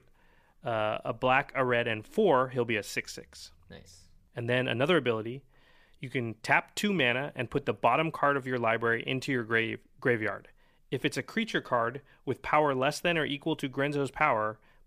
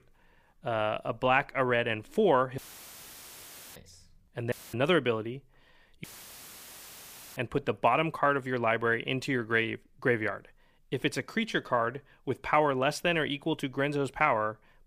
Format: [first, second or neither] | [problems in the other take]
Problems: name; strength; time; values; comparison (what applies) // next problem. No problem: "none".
first | audio cutting out; filled with static; at 2.5 s for 1 s, at 4.5 s and at 6 s for 1.5 s